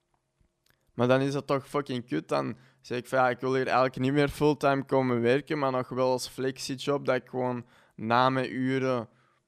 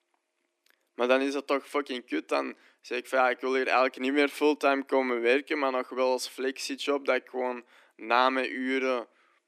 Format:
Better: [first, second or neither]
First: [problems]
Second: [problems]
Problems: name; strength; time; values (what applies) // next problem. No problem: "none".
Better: first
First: none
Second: thin; very slightly; fading below 250 Hz